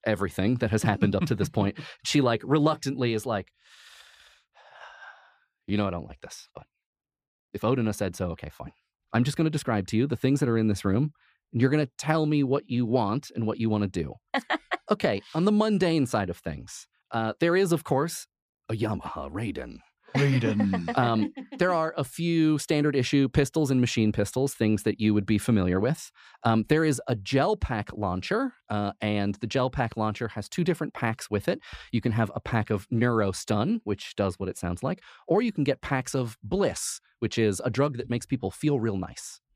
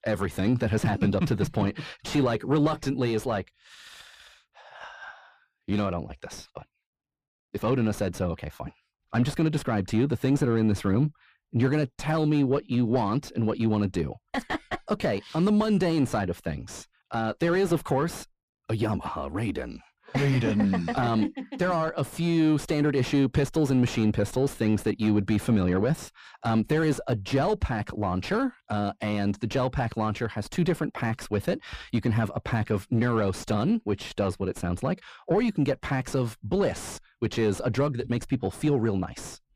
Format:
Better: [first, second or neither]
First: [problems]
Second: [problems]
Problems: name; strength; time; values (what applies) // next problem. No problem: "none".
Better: first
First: none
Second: distortion; slight; 9 dB below the speech